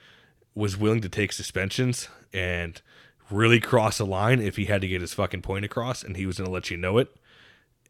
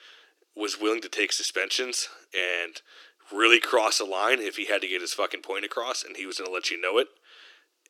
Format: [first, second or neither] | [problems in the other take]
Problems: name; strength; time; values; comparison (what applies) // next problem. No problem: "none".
first | thin; very; fading below 300 Hz